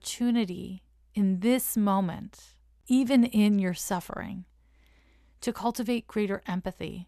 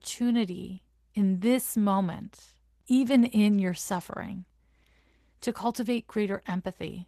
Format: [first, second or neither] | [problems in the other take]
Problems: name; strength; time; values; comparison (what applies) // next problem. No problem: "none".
first | garbled, watery; slightly; nothing above 13.5 kHz